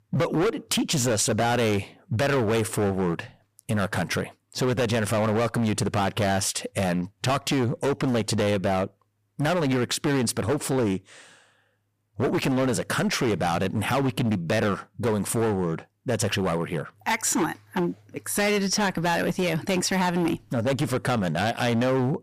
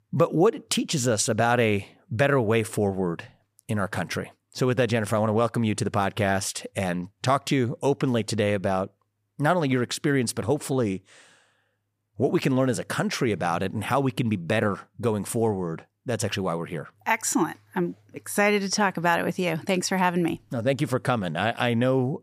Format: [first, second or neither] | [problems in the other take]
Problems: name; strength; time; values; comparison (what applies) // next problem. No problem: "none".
second | distortion; heavy; 18% of the sound clipped